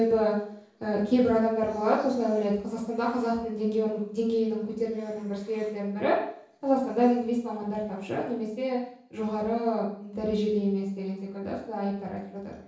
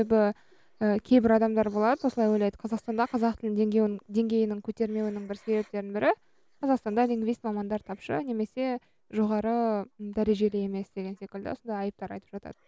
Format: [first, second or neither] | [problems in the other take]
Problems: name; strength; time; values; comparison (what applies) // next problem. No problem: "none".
second | room echo; dies away in 0.7 s